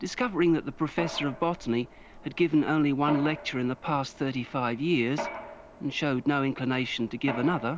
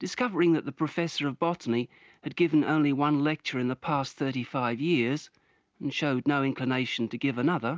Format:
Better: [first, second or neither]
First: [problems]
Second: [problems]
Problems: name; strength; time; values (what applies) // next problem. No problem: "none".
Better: second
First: background sound (Mechanisms); 14 dB below the speech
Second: none